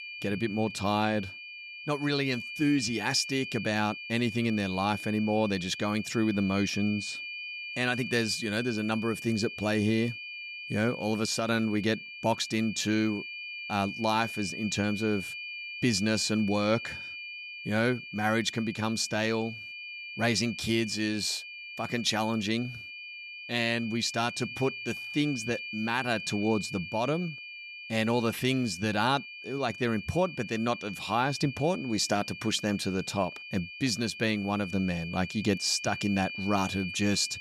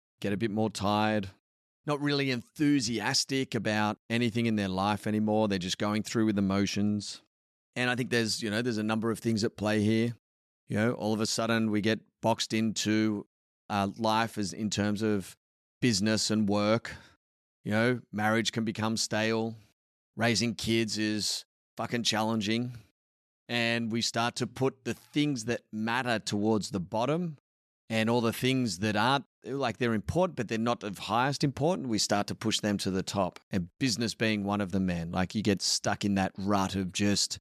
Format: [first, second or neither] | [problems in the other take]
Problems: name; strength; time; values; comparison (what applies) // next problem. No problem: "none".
second | high-pitched whine; loud; throughout; 2.5 kHz, 9 dB below the speech